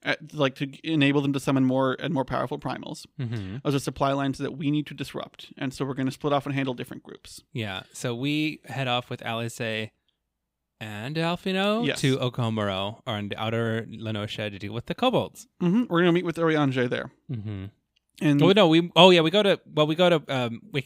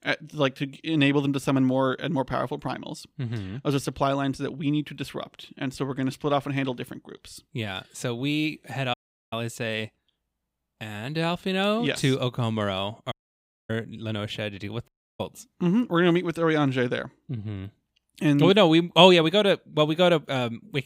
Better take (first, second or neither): first